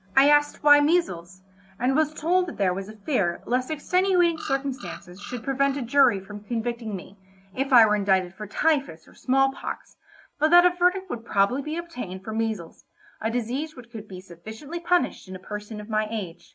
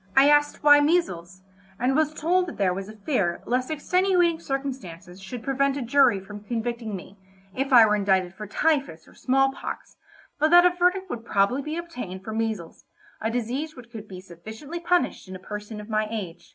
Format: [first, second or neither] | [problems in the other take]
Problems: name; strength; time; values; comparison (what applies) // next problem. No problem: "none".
second | background sound (Bird vocalization, bird call, bird song); 15 dB below the speech